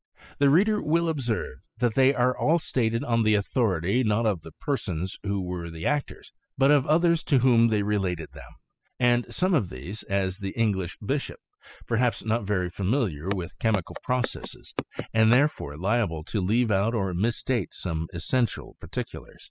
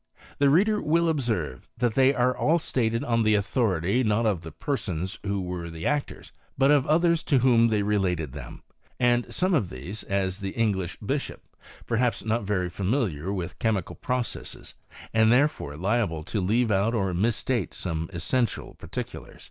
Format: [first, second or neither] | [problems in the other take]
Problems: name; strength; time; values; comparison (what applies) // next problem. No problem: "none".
second | noise reduction (classical method spectral subtraction)